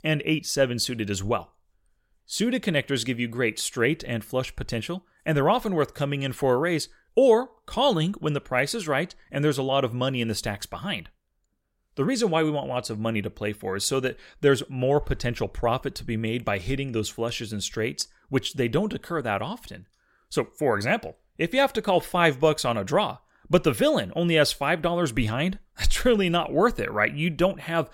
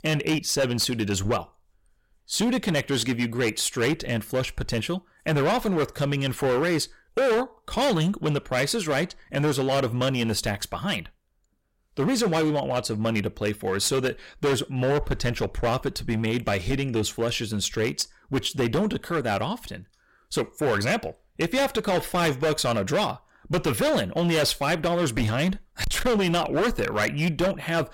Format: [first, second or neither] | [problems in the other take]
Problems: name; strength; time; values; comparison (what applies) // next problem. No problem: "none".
first | distortion; heavy; 14% of the sound clipped